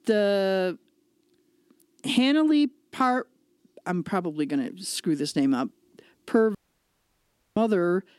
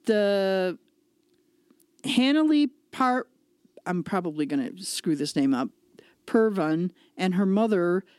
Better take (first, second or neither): second